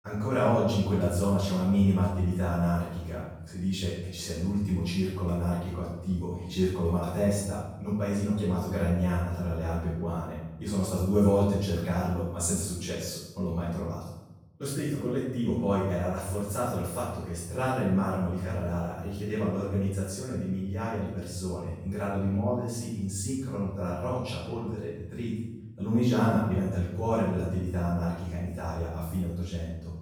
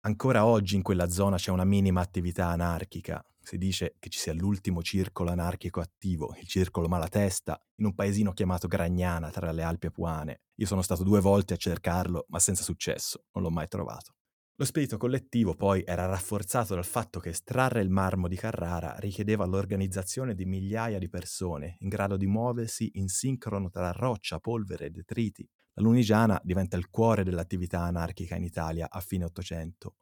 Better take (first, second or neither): second